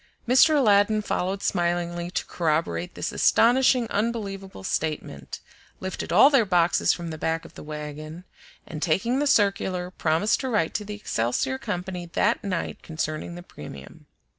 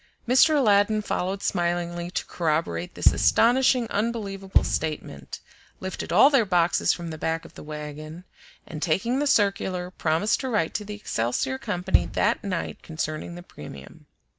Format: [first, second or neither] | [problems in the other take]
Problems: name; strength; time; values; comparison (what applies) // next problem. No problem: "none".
first | background sound (Bass drum); 2 dB above the speech